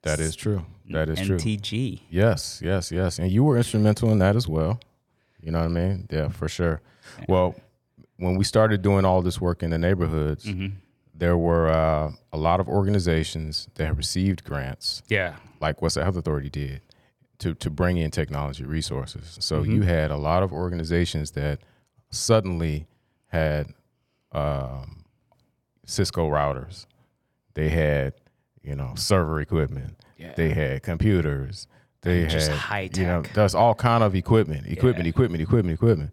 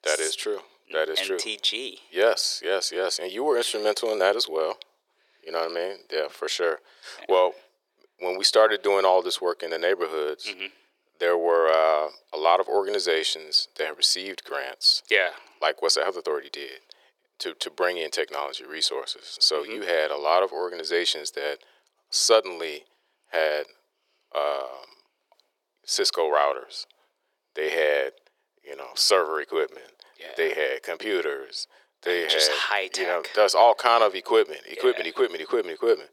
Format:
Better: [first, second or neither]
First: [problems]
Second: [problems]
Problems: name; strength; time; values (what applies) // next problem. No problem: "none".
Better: first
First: none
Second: thin; very; fading below 400 Hz